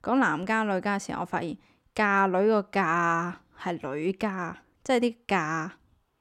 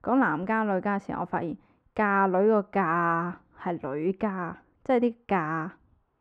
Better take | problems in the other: first | muffled; very; fading above 3 kHz

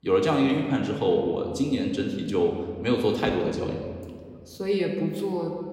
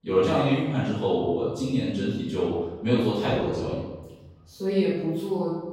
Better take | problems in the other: first | room echo; strong; dies away in 1 s; slight in the first // off-mic speech; far; somewhat distant in the first

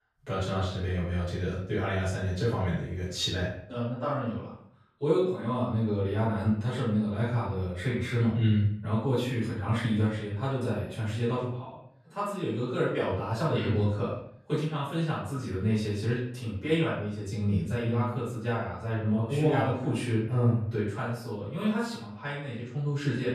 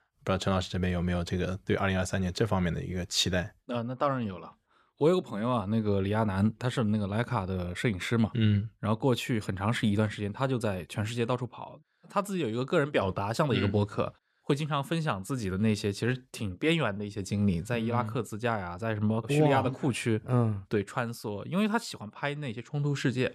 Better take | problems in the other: second | off-mic speech; far // room echo; noticeable; dies away in 0.6 s

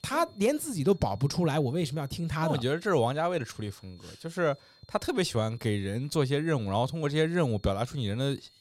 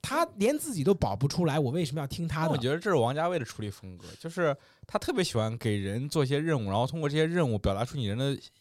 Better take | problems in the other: second | high-pitched whine; faint; throughout; 4.5 kHz, 30 dB below the speech

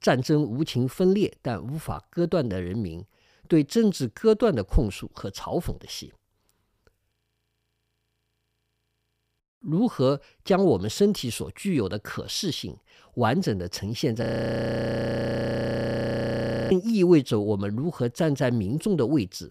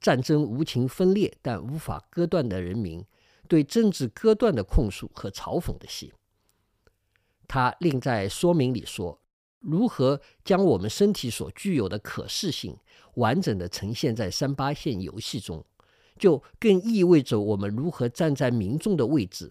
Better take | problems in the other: second | audio freezing; at 7 s for 2.5 s and at 14 s for 2.5 s

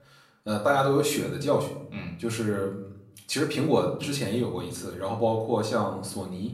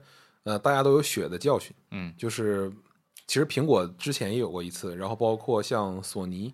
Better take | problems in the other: second | room echo; slight; dies away in 0.7 s // off-mic speech; far

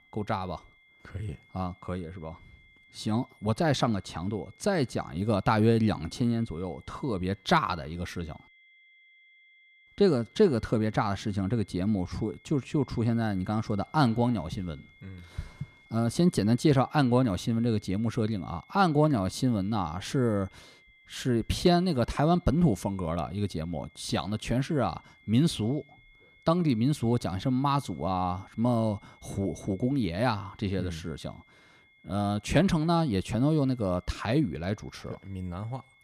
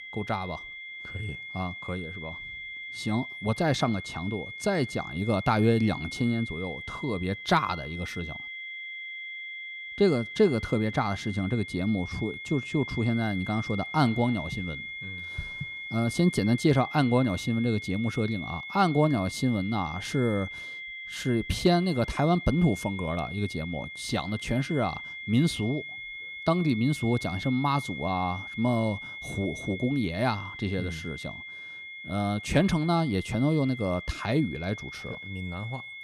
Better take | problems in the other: first | high-pitched whine; loud; throughout; 2 kHz, 9 dB below the speech; faint in the first

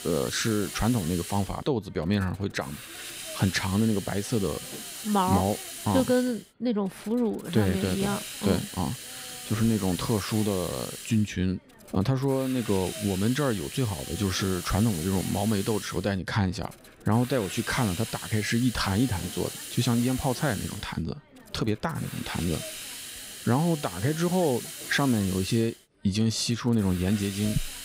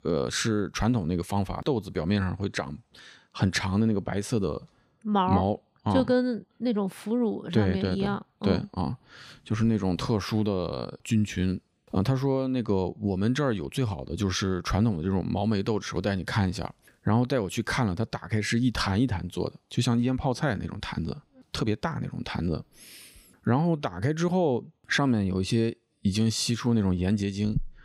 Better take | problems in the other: second | hiss; loud; throughout; 9 dB below the speech

